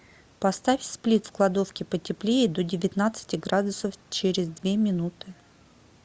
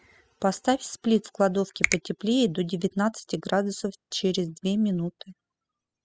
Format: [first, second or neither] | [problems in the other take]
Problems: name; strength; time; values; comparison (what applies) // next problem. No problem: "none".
first | noise reduction (classical method spectral subtraction)